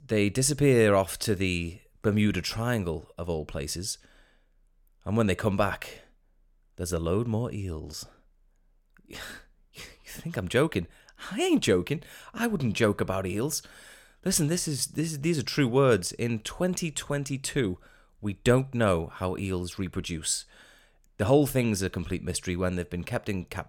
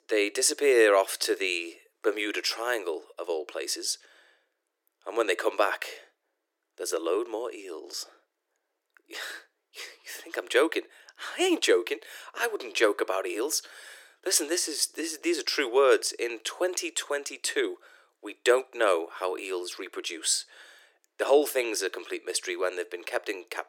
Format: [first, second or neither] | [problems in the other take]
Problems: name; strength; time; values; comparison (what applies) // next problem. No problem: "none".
first | thin; very; fading below 350 Hz